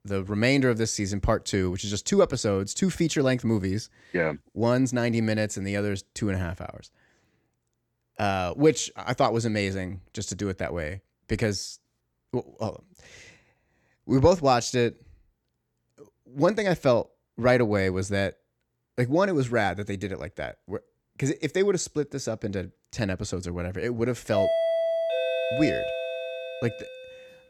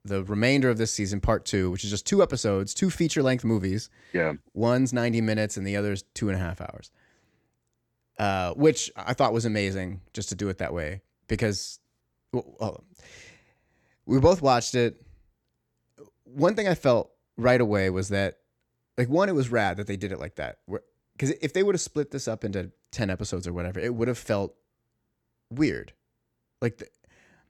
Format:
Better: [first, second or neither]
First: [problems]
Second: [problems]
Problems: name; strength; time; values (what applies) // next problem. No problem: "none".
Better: second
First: doorbell; loud; from 24 to 27 s; peak 2 dB above the speech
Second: none